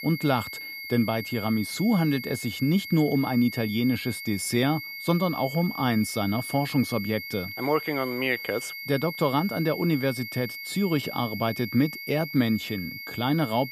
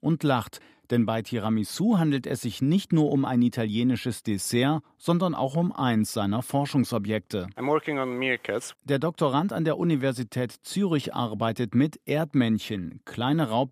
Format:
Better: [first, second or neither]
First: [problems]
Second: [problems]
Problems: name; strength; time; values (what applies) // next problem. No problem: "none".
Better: second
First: high-pitched whine; loud; throughout; 2 kHz, 9 dB below the speech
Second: none